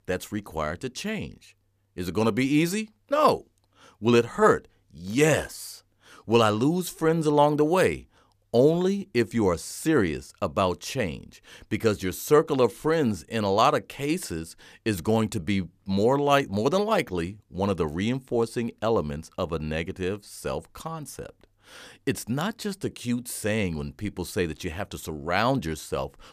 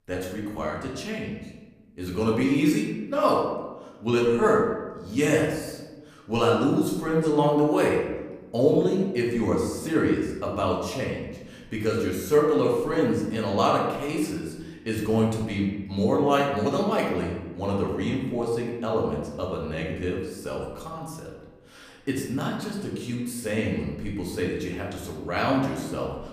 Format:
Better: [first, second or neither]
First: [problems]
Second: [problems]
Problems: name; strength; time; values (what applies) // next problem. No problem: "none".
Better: first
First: none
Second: room echo; noticeable; dies away in 1 s // off-mic speech; far